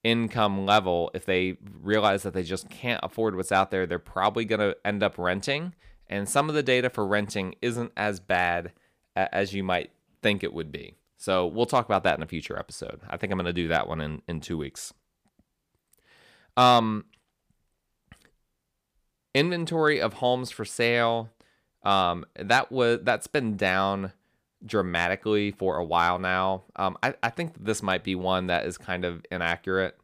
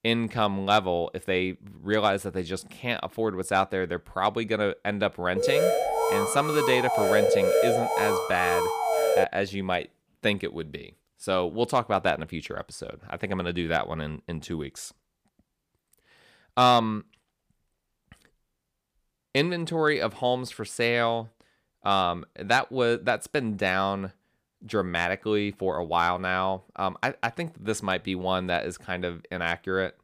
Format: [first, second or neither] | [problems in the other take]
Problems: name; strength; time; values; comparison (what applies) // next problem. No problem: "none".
first | alarm; loud; from 5.5 to 9 s; peak 6 dB above the speech